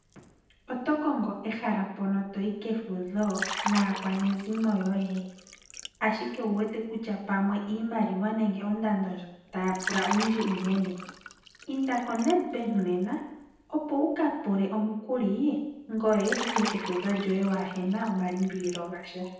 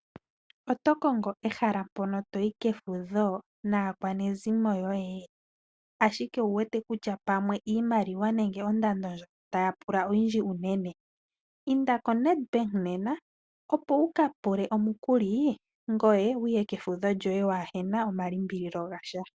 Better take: second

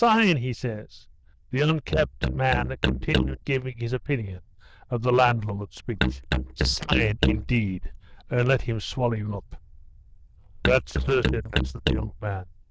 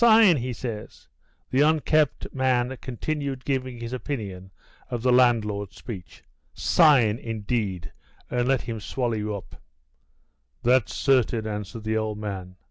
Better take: second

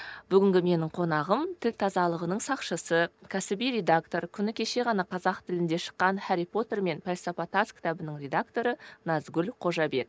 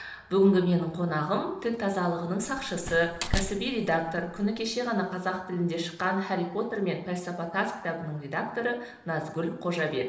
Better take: first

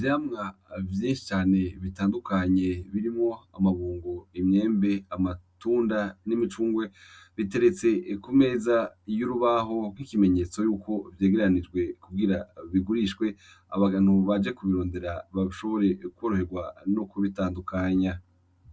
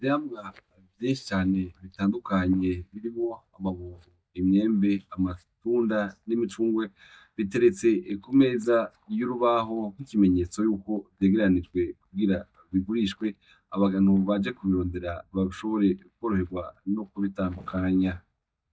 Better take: first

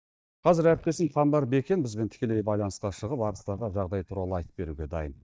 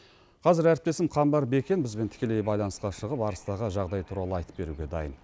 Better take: second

